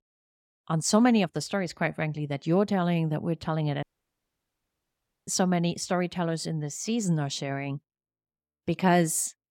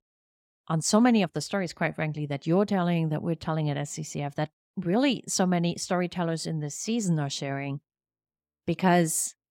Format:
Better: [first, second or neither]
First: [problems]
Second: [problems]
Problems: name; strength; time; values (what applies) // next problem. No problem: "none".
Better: second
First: audio cutting out; at 4 s for 1.5 s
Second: none